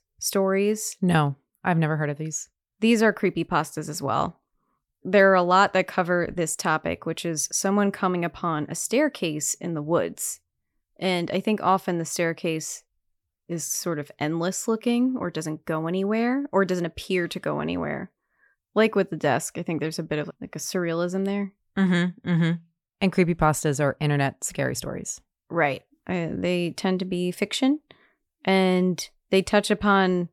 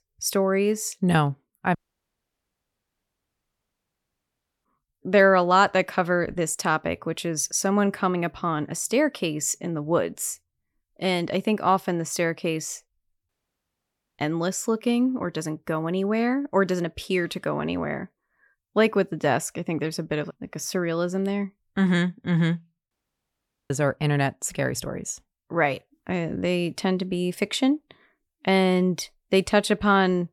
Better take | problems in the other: first | audio cutting out; at 2 s for 3 s, at 13 s for 1 s and at 23 s for 1 s

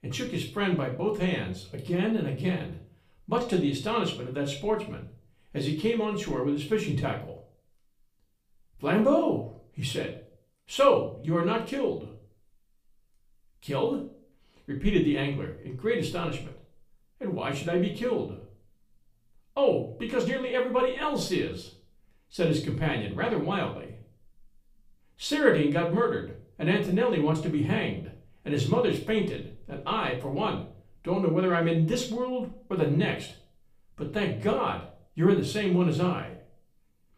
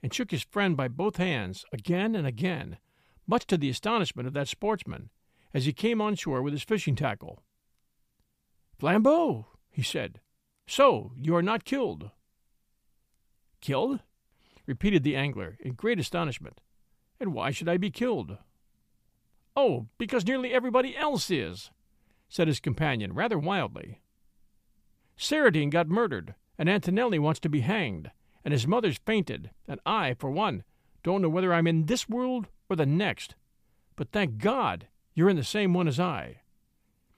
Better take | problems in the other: second | room echo; slight; dies away in 0.4 s // off-mic speech; far

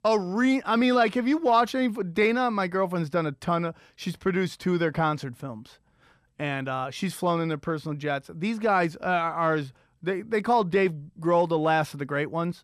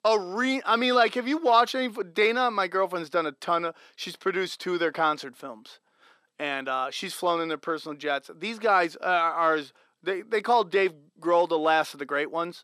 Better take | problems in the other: first | thin; somewhat; fading below 300 Hz

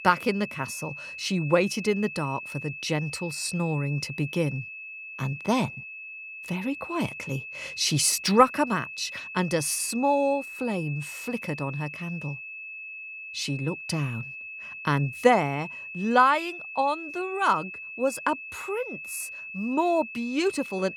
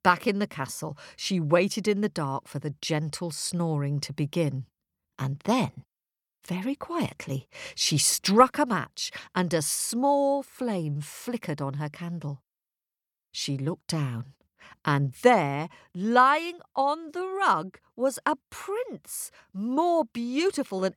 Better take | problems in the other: second | high-pitched whine; loud; throughout; 2.5 kHz, 10 dB below the speech

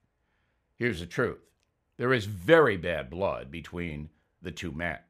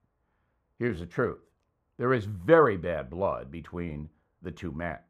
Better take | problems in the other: first | muffled; slightly; fading above 1.5 kHz

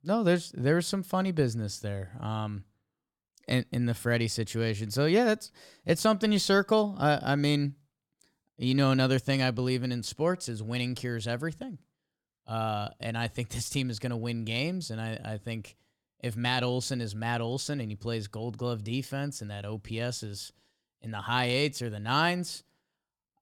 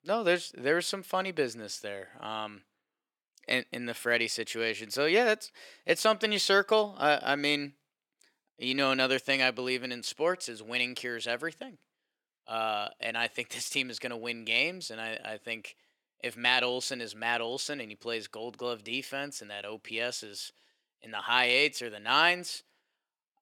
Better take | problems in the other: first | thin; somewhat; fading below 400 Hz

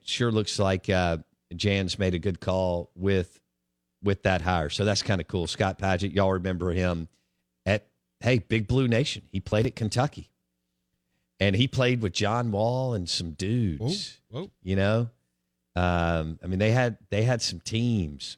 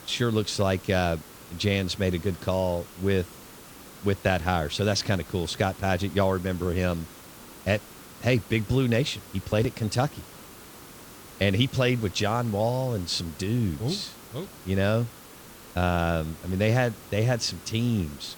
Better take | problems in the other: first | hiss; noticeable; throughout; 20 dB below the speech

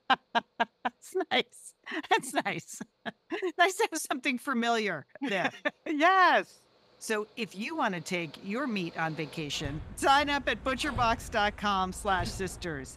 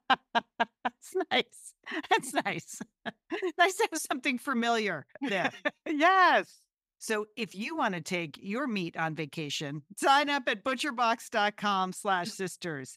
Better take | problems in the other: second | machinery noise; noticeable; throughout; 15 dB below the speech

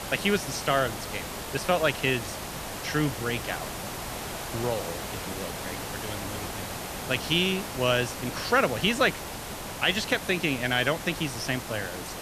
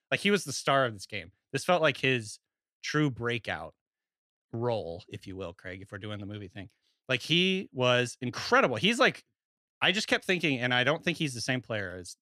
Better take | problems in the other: second | hiss; loud; throughout; 8 dB below the speech

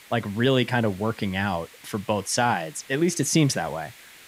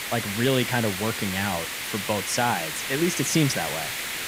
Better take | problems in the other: first | hiss; loud; throughout; 3 dB below the speech; faint in the first

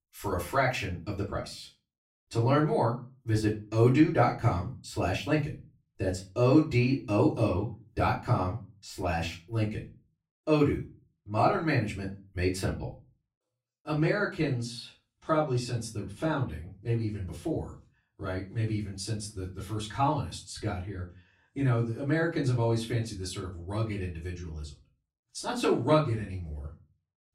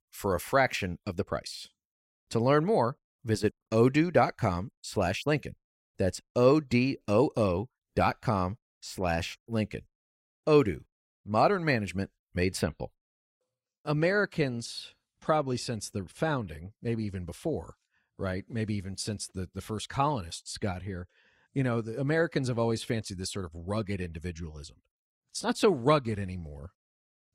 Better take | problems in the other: second | off-mic speech; far // room echo; very slight; dies away in 0.3 s

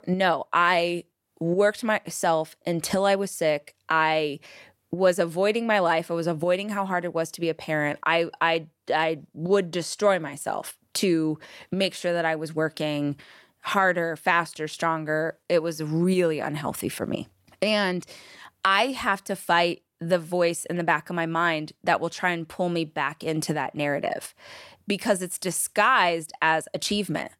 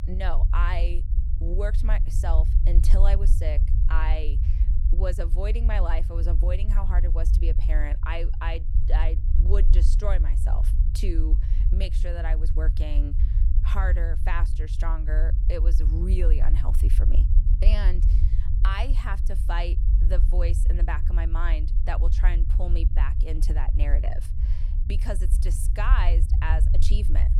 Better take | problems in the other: first | low rumble; loud; throughout; 9 dB below the speech

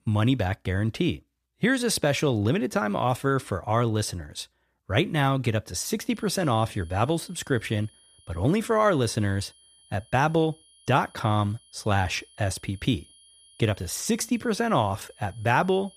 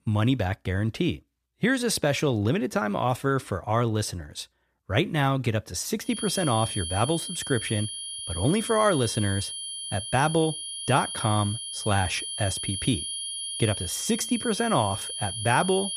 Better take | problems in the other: first | high-pitched whine; loud; from 6 s on; 3 kHz, 5 dB below the speech; faint in the first

